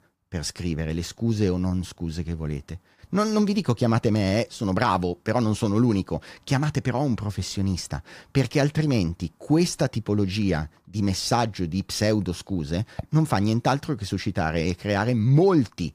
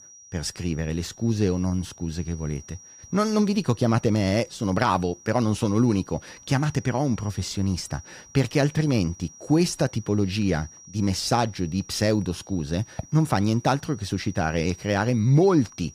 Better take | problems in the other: first | high-pitched whine; faint; throughout; 5.5 kHz, 20 dB below the speech

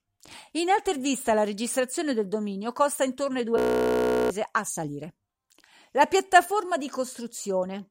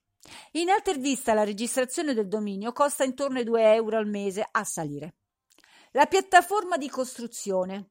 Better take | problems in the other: second | audio freezing; at 3.5 s for 0.5 s

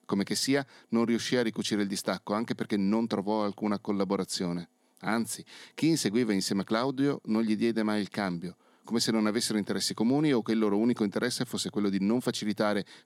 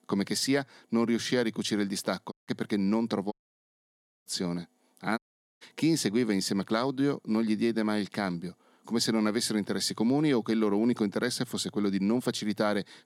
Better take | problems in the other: first | audio cutting out; at 2.5 s, at 3.5 s for 1 s and at 5 s

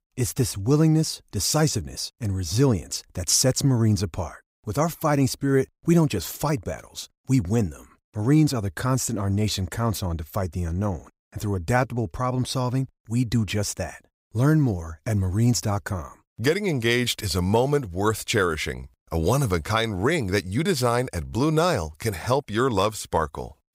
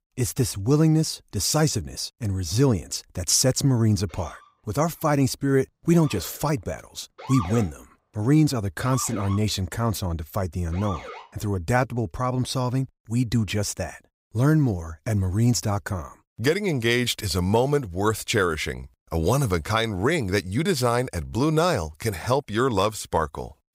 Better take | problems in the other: first | siren; noticeable; from 4 to 11 s; peak 9 dB below the speech

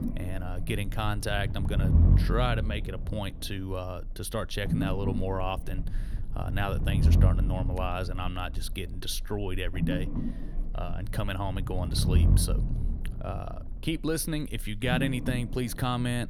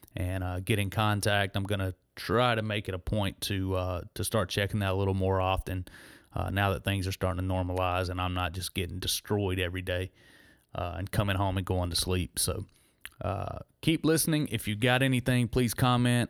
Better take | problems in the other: second | low rumble; loud; throughout; 8 dB below the speech

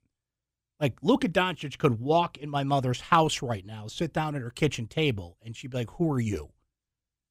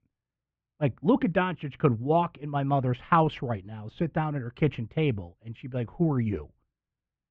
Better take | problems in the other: first | muffled; very; fading above 2 kHz

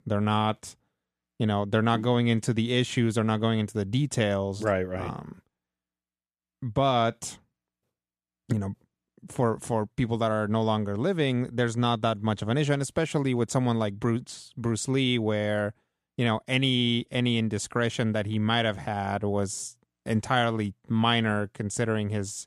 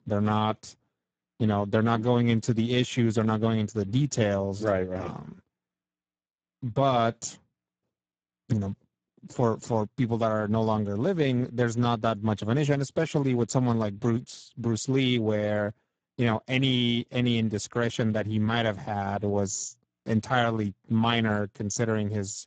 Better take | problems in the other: first | garbled, watery; badly; nothing above 7.5 kHz

